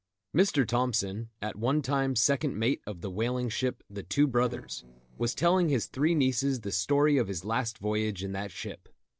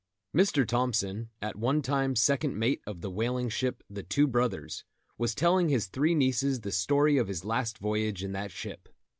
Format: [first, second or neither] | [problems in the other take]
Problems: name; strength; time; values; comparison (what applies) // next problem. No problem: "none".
second | noise reduction (neural separator model SepFormer DNS4)